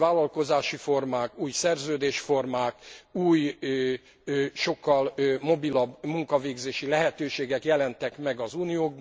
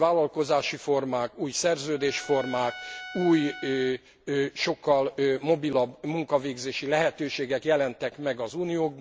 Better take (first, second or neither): first